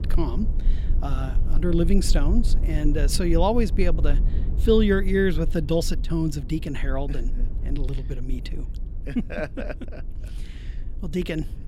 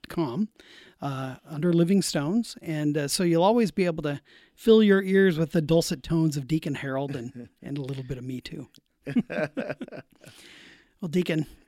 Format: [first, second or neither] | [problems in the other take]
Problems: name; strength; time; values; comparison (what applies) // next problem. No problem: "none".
second | low rumble; noticeable; throughout; 15 dB below the speech